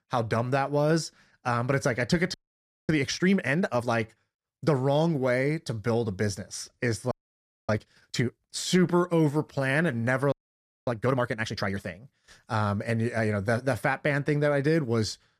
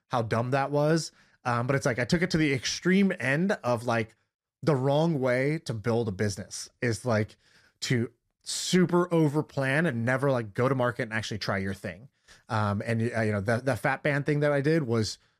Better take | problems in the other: second | audio freezing; at 2.5 s for 0.5 s, at 7 s for 0.5 s and at 10 s for 0.5 s

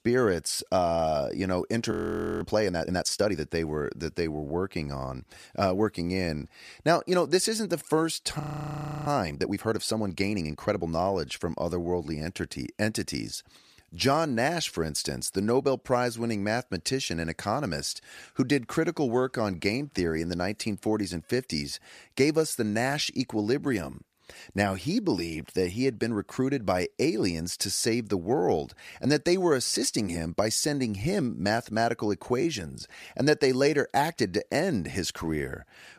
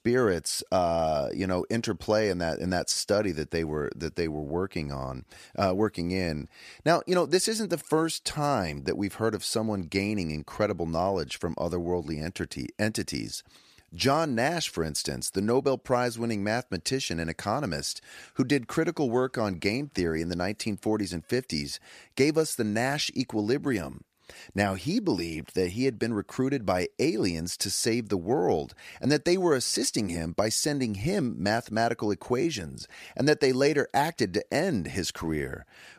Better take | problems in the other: second | audio freezing; at 2 s and at 8.5 s for 0.5 s

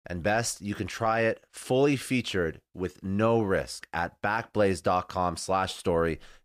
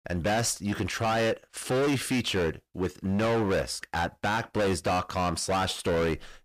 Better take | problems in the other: first | distortion; heavy; 20% of the sound clipped

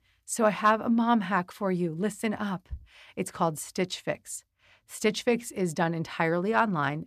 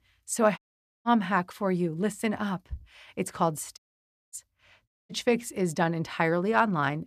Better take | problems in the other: first | audio cutting out; at 0.5 s, at 4 s for 0.5 s and at 5 s

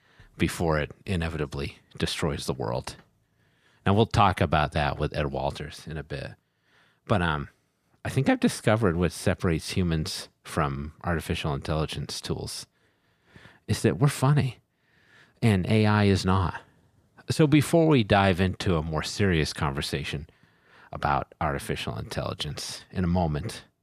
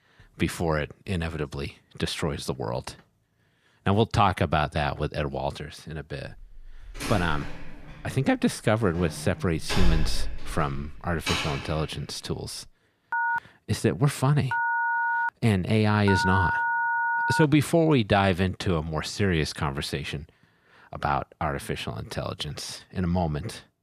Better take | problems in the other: first | door banging; noticeable; from 7 to 11 s; peak 1 dB below the speech // phone ringing; loud; from 13 to 17 s; peak 2 dB above the speech

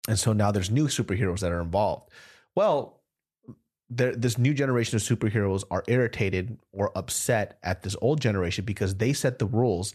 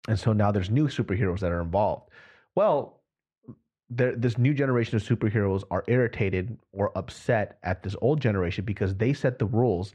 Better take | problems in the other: first | muffled; slightly; fading above 2.5 kHz

